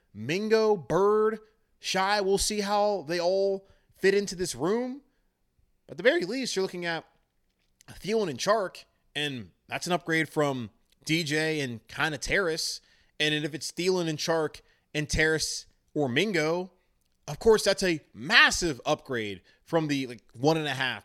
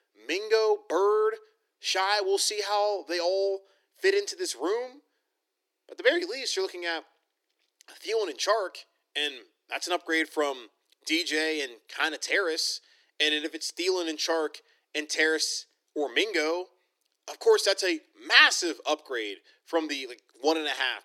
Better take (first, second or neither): first